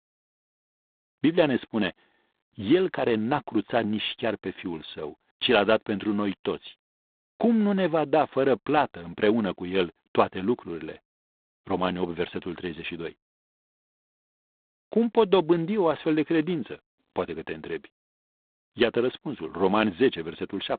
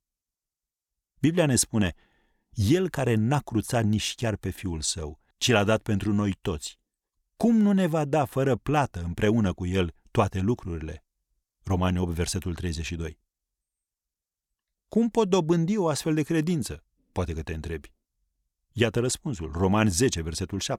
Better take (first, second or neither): second